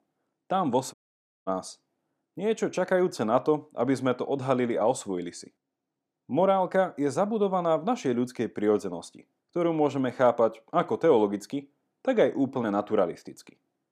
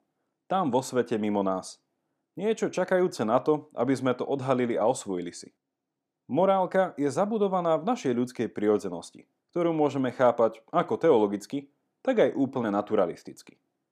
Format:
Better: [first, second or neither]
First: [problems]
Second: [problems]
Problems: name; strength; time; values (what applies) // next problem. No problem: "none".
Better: second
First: audio cutting out; at 1 s for 0.5 s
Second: none